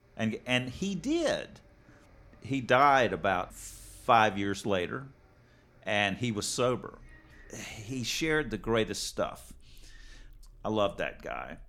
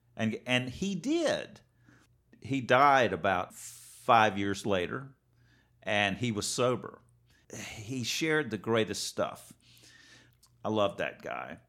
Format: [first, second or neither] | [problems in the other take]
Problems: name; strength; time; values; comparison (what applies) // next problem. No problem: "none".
second | traffic noise; faint; throughout; 30 dB below the speech